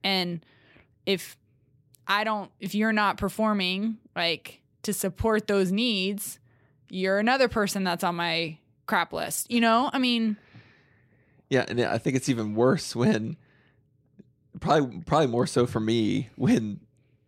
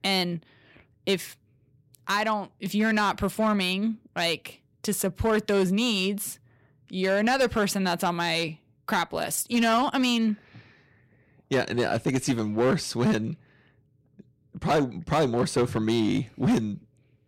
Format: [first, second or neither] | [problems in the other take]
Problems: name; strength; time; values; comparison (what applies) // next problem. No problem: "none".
first | distortion; slight; 5% of the sound clipped